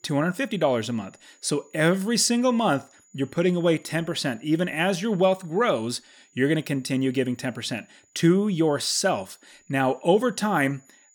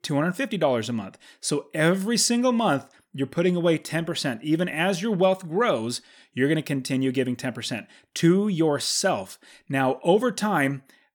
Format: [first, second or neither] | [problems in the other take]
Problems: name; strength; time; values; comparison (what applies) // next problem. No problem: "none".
second | high-pitched whine; faint; throughout; 7 kHz, 35 dB below the speech